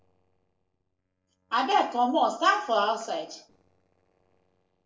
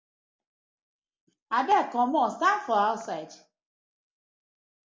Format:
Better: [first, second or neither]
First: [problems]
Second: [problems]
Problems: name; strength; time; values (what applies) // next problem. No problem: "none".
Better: second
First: noise reduction (neural separator model SepFormer DNS4)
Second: none